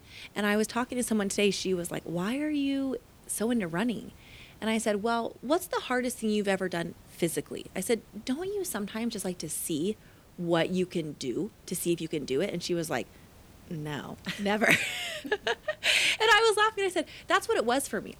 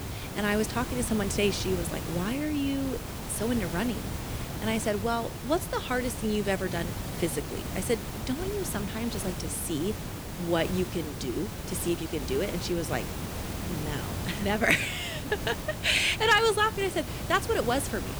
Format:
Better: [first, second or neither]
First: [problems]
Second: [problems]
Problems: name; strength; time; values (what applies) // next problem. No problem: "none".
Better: first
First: hiss; faint; throughout; 25 dB below the speech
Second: hiss; loud; throughout; 6 dB below the speech